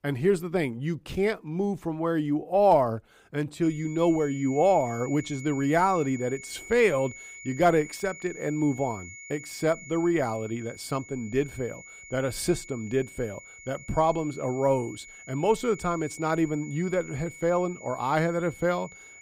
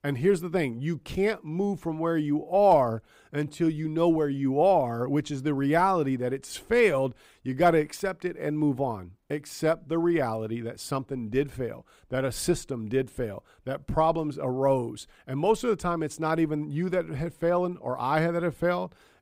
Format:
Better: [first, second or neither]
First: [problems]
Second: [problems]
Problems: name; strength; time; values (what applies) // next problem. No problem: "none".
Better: second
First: high-pitched whine; noticeable; from 3.5 s on; 2 kHz, 15 dB below the speech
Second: none